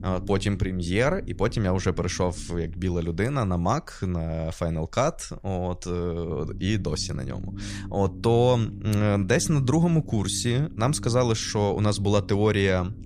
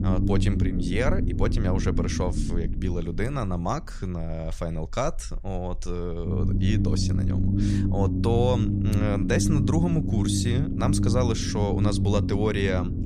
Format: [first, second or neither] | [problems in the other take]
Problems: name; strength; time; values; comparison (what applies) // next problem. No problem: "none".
first | low rumble; loud; throughout; 5 dB below the speech; faint in the first